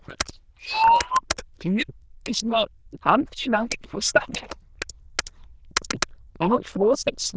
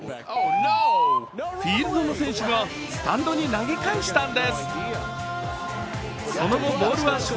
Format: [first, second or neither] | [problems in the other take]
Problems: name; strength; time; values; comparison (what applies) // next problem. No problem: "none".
second | noise reduction (neural diffusion model UNIVERSE++)